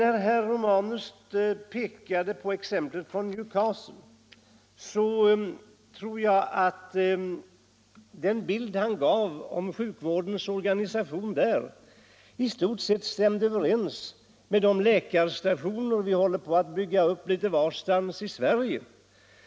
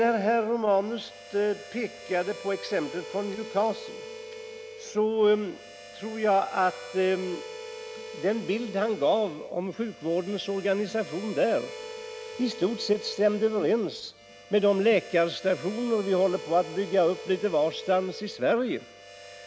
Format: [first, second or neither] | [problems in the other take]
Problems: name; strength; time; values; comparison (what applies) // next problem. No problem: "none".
first | background sound (Harmonica); 14 dB below the speech